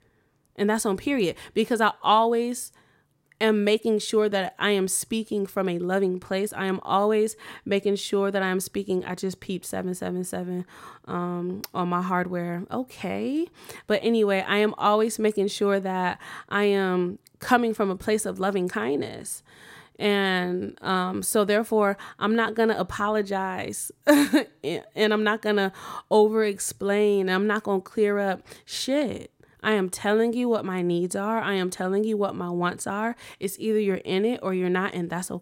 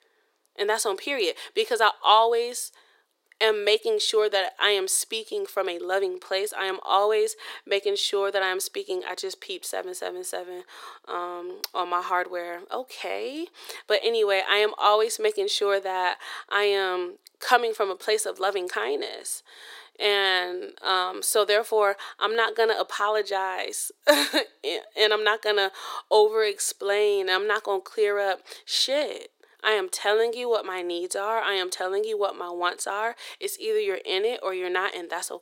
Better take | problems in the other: first | thin; very; fading below 400 Hz

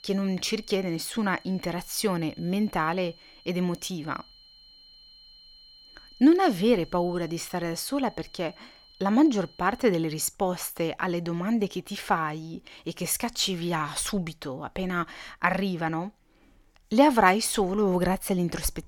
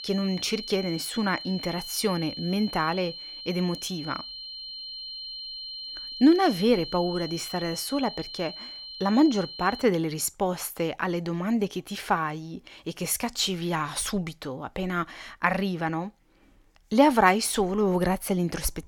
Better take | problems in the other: first | high-pitched whine; loud; until 10 s; 4 kHz, 10 dB below the speech; faint in the first

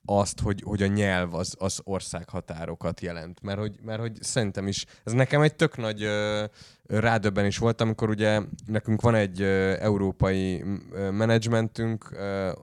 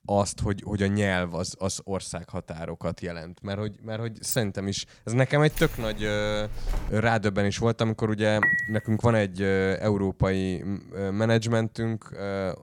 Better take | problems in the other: first | jangling keys; noticeable; at 4.5 s and from 5.5 to 7 s; peak 8 dB below the speech // clattering dishes; loud; at 8.5 s; peak 4 dB above the speech

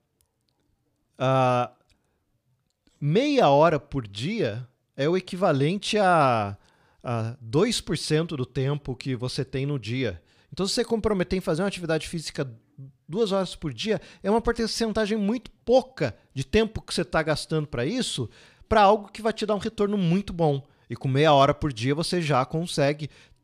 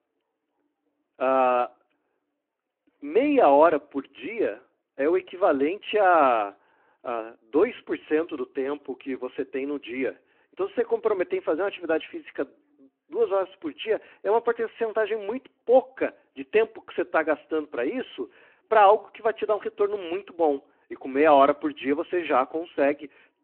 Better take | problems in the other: first | phone-call audio

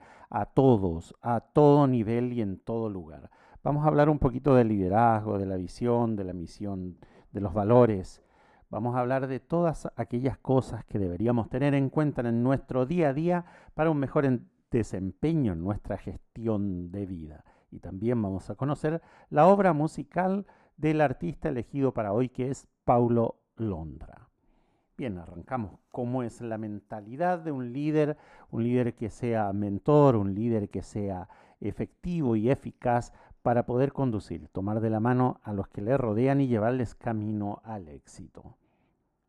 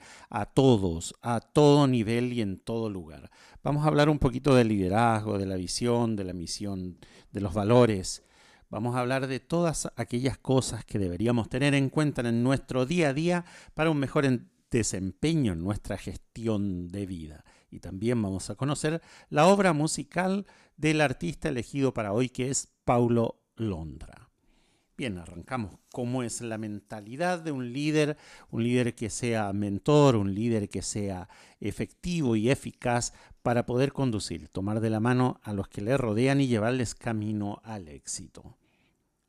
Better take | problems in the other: second | muffled; very; fading above 2.5 kHz

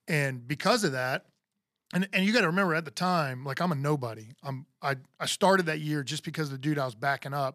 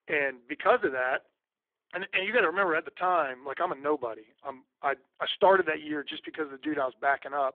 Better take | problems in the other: first | phone-call audio; poor line; nothing above 3.5 kHz

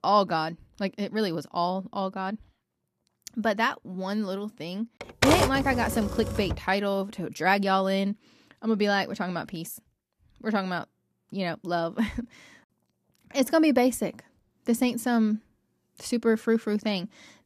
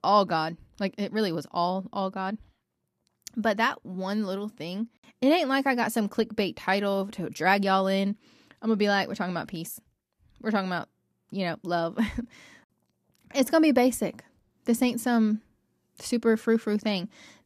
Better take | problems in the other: second | keyboard typing; loud; from 5 to 6.5 s; peak 4 dB above the speech

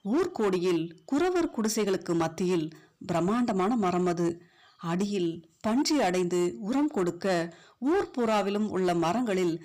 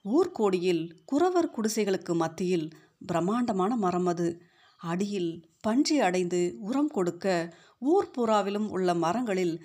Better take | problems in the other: second | distortion; slight; 12% of the sound clipped

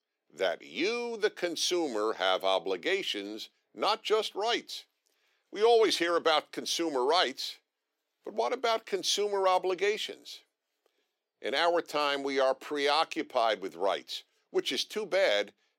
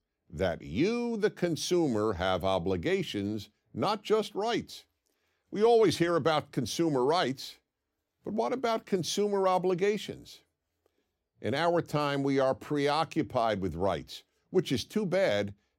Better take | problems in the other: second | thin; somewhat; fading below 350 Hz

